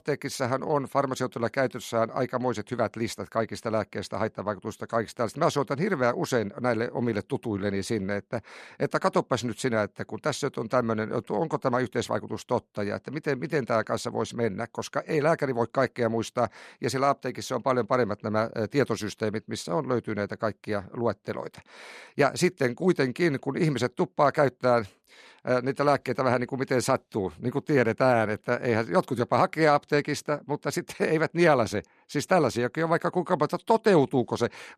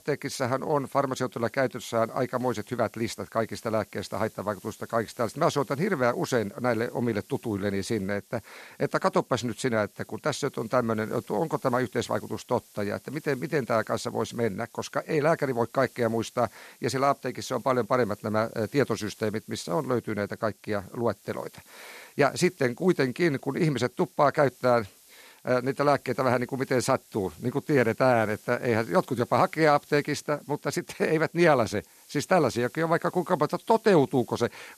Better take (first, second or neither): first